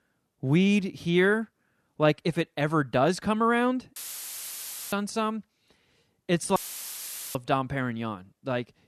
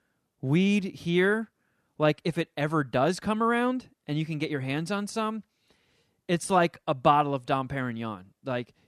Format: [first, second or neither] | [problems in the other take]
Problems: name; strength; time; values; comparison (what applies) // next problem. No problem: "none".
second | audio cutting out; filled with static; at 4 s for 1 s and at 6.5 s for 1 s